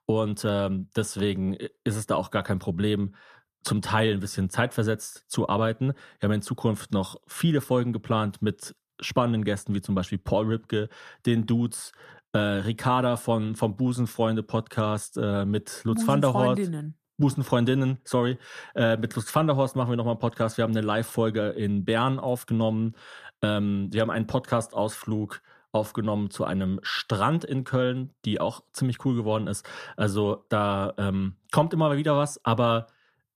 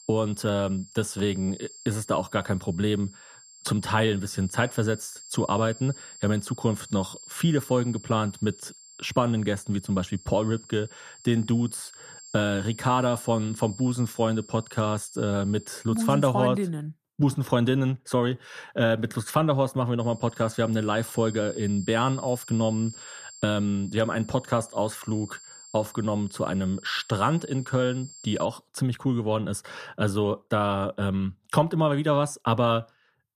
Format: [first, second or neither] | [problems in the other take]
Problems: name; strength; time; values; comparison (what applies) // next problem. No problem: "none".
first | high-pitched whine; noticeable; until 16 s and from 20 to 28 s; 7.5 kHz, 20 dB below the speech